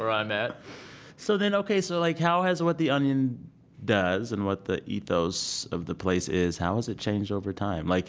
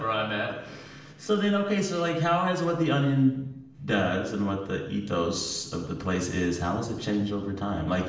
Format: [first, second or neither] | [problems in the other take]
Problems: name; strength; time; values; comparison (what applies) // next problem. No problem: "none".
first | room echo; dies away in 0.8 s